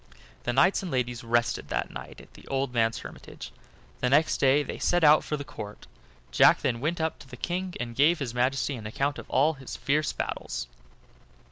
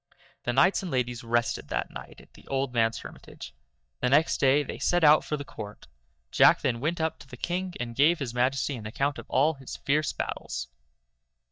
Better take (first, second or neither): first